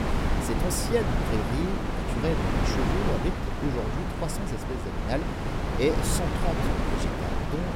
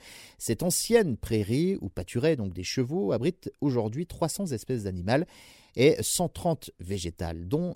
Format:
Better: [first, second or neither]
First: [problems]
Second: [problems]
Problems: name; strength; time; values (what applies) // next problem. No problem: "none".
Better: second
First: wind noise on the microphone; heavy; 2 dB above the speech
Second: none